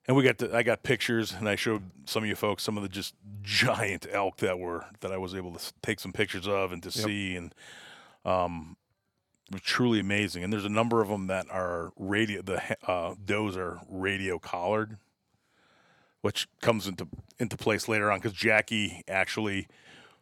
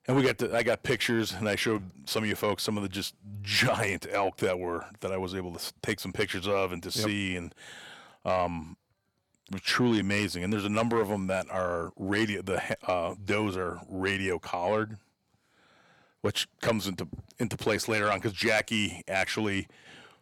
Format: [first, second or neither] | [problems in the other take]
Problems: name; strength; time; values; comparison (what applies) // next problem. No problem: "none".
first | distortion; slight; 10 dB below the speech